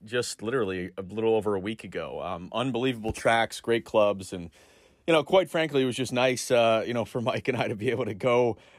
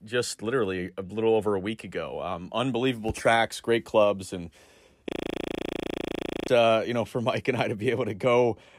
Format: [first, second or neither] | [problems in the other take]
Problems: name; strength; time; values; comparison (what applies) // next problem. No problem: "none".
first | audio freezing; at 5 s for 1.5 s